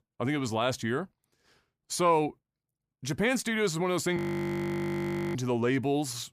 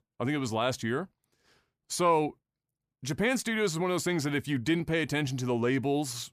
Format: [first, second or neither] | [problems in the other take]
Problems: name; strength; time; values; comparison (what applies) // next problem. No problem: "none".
second | audio freezing; at 4 s for 1 s